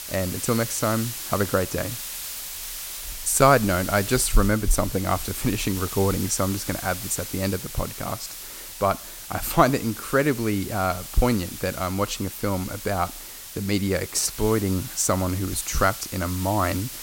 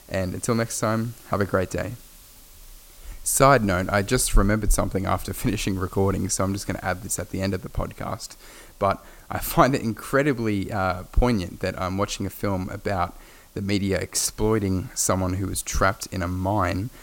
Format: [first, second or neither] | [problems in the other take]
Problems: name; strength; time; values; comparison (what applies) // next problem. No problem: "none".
second | hiss; loud; throughout; 9 dB below the speech; faint in the second